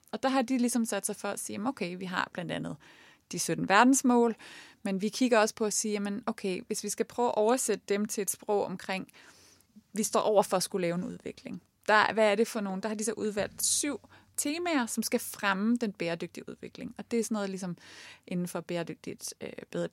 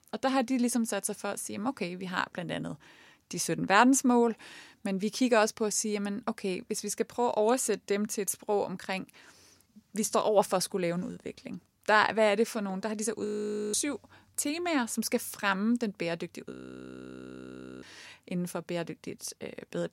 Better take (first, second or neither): first